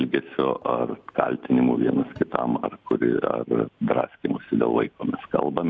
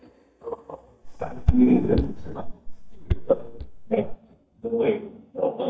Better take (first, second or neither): first